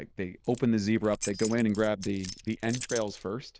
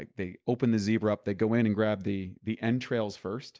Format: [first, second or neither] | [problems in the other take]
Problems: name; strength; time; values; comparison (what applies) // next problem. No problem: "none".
second | noise reduction (neural diffusion model UNIVERSE++)